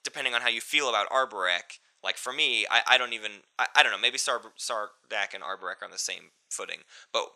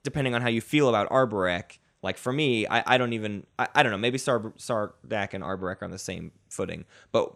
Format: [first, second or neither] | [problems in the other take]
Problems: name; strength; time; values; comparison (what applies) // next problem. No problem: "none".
second | thin; very; fading below 850 Hz